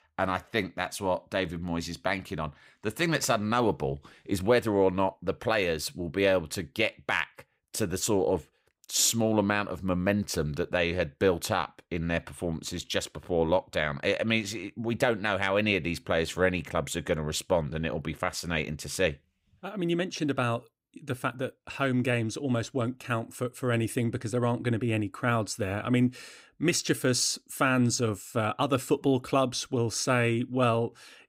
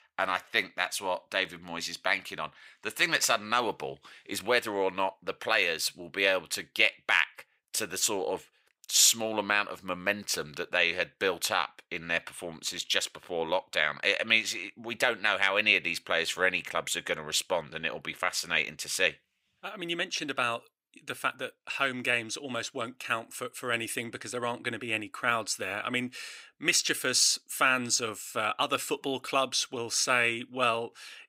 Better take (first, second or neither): first